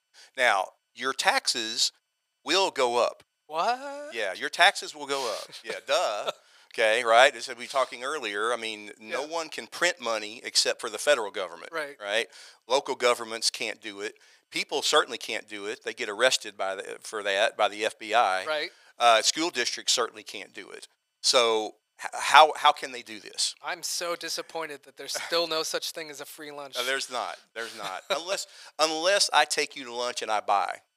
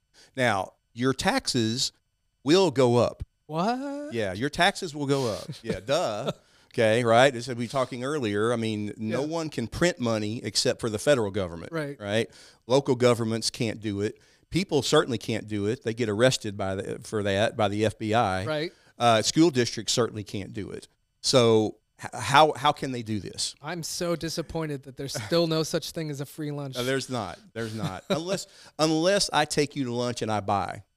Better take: second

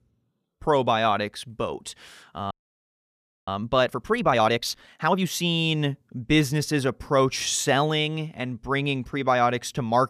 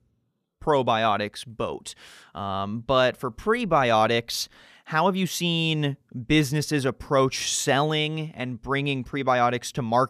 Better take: second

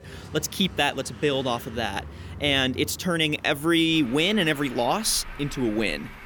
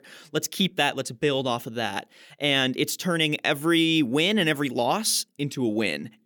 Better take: second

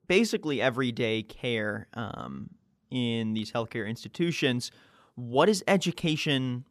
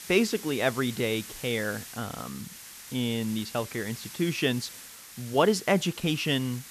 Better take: first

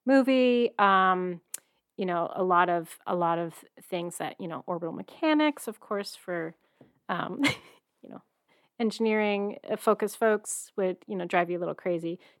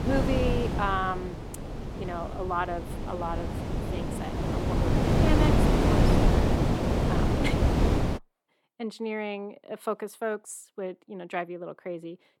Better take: first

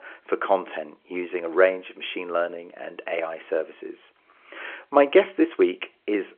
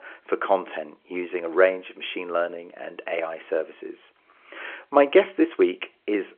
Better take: neither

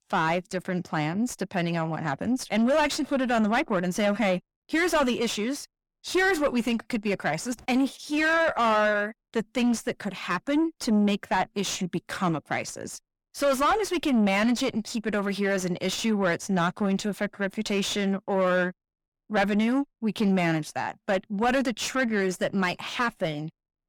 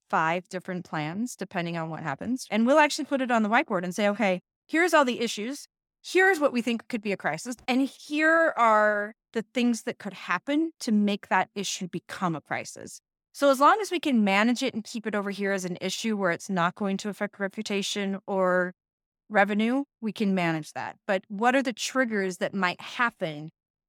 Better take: second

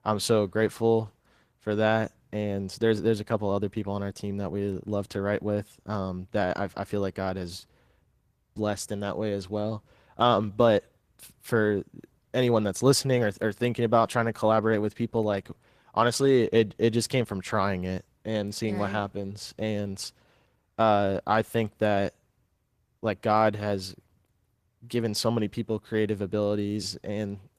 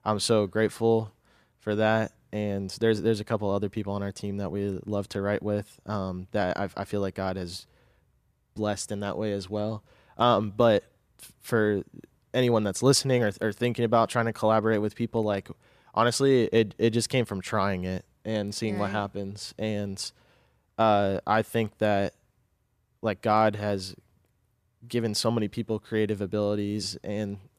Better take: second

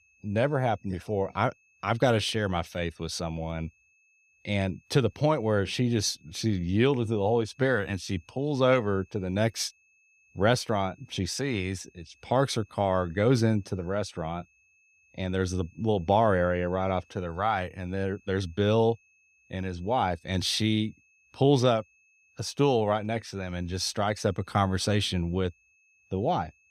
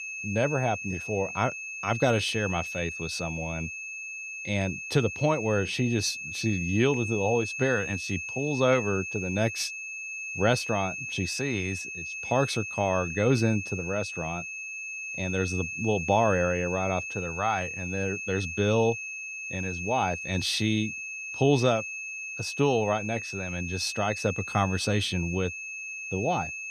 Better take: first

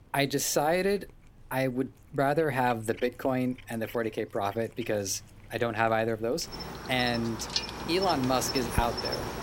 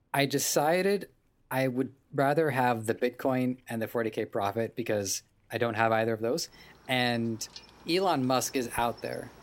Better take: second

